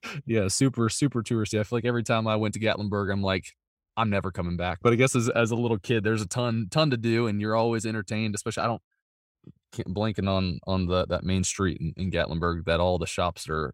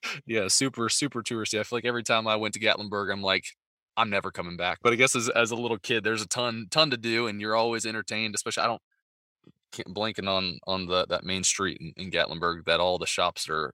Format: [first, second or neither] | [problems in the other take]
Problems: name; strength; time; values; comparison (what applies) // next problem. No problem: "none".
first | thin; somewhat; fading below 1 kHz